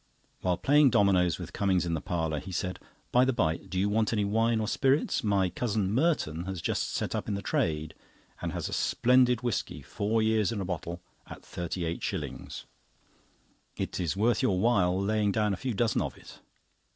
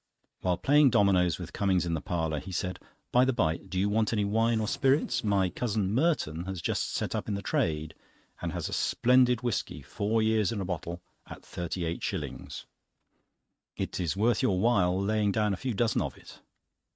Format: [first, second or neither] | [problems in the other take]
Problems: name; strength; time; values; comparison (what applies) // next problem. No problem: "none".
first | noise reduction (neural mask model RNNoise)